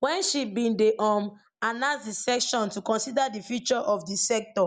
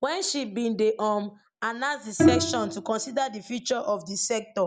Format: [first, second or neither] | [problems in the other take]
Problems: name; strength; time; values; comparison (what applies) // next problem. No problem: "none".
first | background sound (Bowed string instrument); as loud as the speech